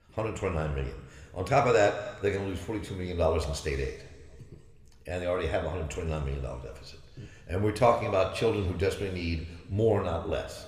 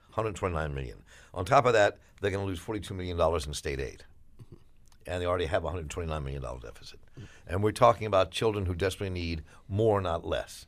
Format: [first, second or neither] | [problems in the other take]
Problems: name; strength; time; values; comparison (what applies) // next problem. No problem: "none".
second | room echo; slight; dies away in 1.7 s